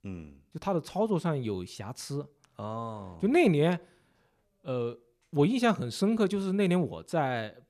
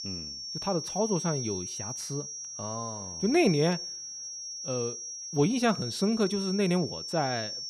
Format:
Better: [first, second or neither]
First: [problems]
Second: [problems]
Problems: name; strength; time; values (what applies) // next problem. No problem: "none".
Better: first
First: none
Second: high-pitched whine; loud; throughout; 5.5 kHz, 6 dB below the speech